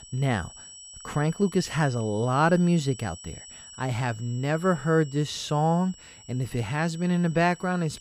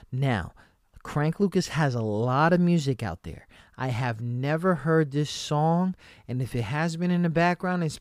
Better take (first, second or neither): second